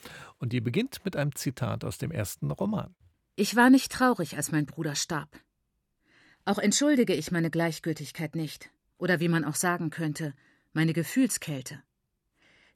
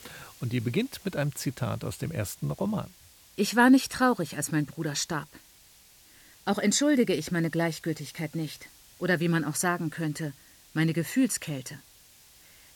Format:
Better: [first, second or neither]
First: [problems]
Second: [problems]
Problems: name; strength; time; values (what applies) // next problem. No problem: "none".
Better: first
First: none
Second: hiss; faint; throughout; 25 dB below the speech